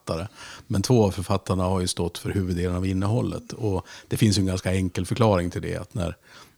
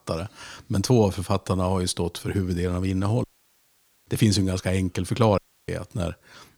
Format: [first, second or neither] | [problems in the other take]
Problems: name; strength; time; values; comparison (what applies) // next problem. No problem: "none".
first | audio cutting out; at 3 s for 1 s and at 5.5 s